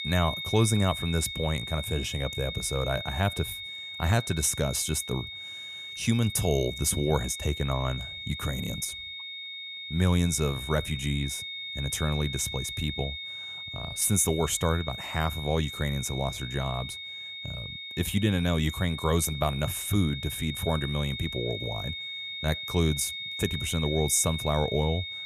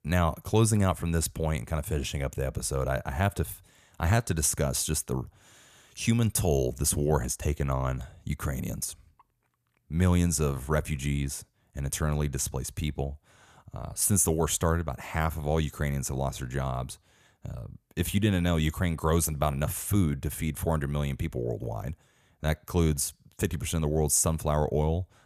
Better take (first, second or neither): second